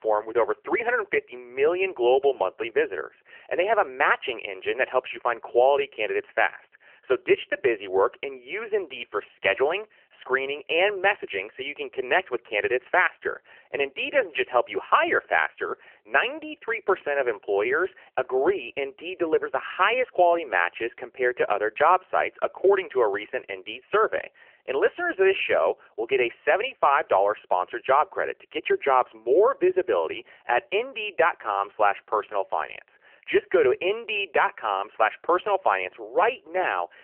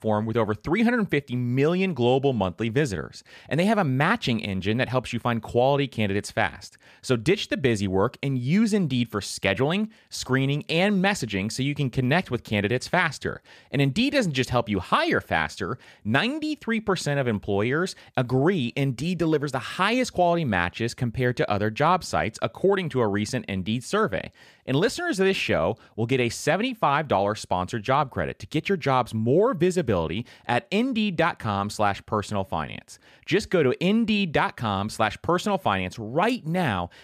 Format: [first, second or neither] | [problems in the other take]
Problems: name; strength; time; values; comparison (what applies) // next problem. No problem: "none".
second | phone-call audio; nothing above 3 kHz